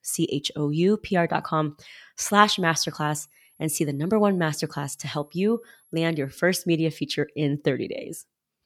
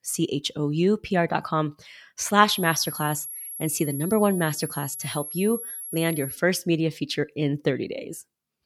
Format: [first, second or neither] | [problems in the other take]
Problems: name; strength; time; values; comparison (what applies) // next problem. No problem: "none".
first | high-pitched whine; loud; from 2.5 to 6.5 s; 11.5 kHz, 8 dB below the speech; faint in the first